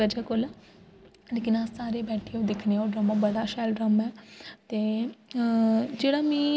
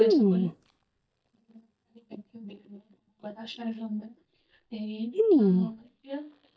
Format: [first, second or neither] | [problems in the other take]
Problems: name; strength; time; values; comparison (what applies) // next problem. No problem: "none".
first | noise reduction (neural mask model DeepFilterNet 3)